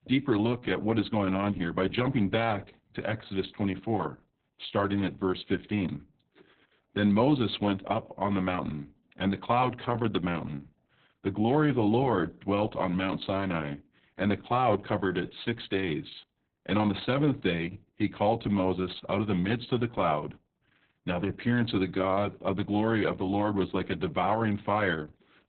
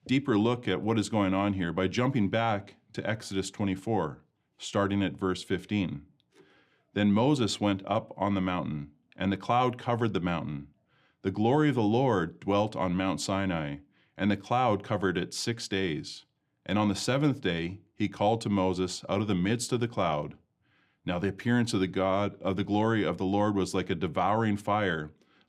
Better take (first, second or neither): second